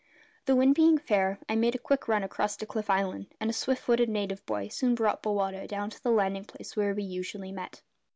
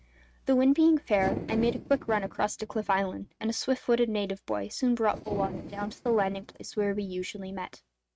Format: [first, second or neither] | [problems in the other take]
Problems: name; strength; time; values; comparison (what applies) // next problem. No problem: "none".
first | noise reduction (neural mask model RNNoise)